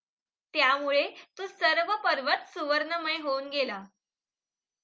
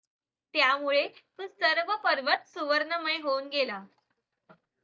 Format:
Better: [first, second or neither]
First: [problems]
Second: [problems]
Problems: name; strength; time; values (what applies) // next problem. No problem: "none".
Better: first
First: none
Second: noise reduction (neural mask model DeepFilterNet 3)